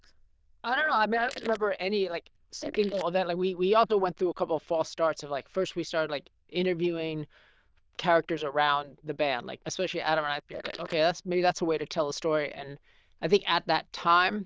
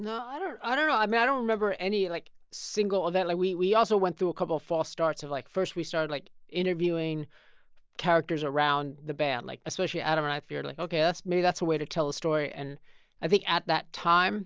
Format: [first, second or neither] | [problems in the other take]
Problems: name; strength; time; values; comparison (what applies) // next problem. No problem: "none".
second | noise reduction (neural diffusion model UNIVERSE++)